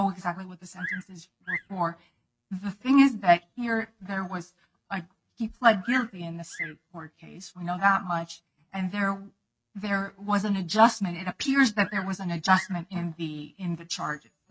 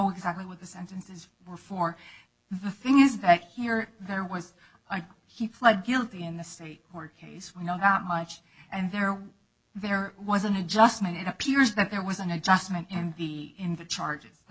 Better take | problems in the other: second | noise reduction (neural mask model RNNoise)

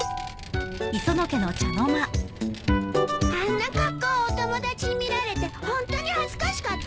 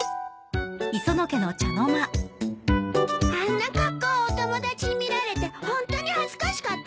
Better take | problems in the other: second | background sound (Vehicle); 13 dB below the speech

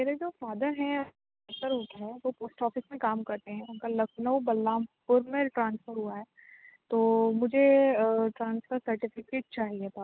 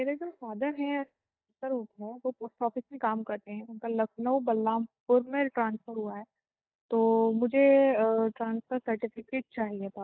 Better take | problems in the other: first | noise reduction (neural mask model DeepFilterNet 3)

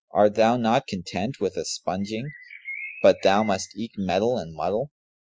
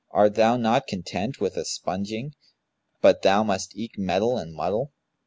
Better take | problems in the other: second | noise reduction (classical method Wiener filter)

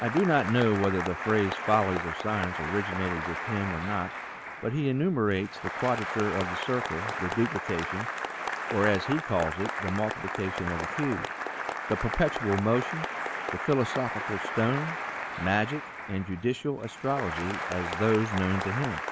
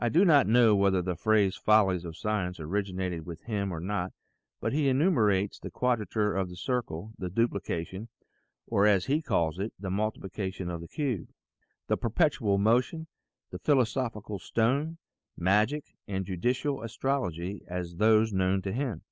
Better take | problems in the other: second | background sound (Applause); 5 dB below the speech

